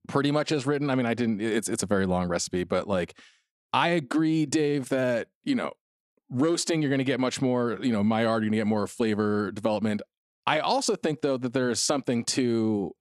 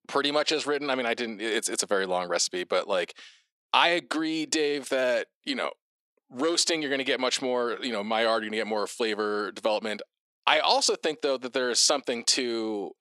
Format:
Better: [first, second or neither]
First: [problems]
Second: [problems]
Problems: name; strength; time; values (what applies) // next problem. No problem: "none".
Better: first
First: none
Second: thin; somewhat; fading below 450 Hz